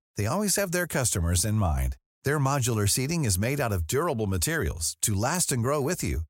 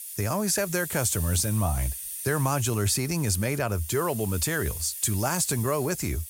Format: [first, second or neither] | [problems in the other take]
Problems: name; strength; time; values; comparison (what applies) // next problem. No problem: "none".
first | hiss; loud; throughout; 8 dB below the speech